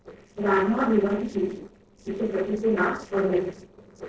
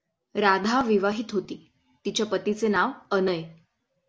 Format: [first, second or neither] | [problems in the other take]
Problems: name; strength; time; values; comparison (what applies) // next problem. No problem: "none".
second | noise reduction (neural separator model SepFormer DNS4)